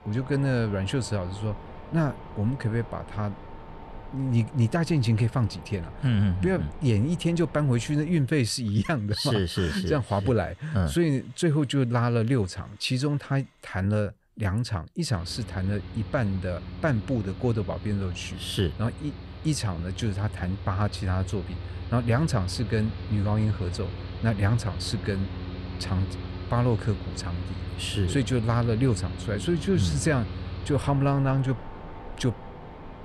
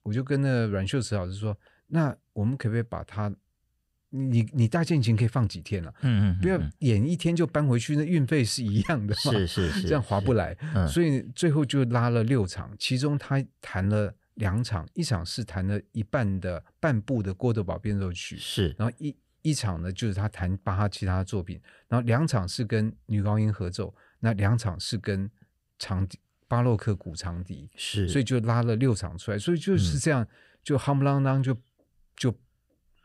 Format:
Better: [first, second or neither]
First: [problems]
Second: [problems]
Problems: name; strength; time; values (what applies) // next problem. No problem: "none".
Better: second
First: machinery noise; noticeable; throughout; 10 dB below the speech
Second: none